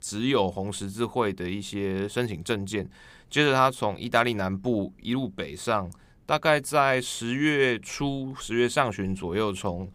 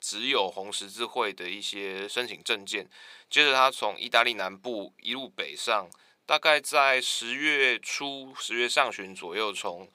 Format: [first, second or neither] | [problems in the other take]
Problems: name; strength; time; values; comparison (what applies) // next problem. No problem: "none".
first | thin; somewhat; fading below 500 Hz